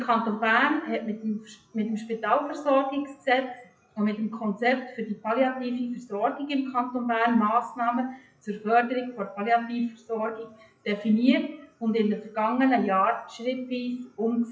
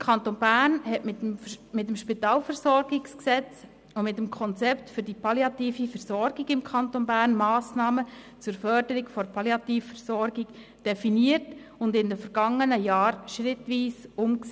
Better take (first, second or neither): second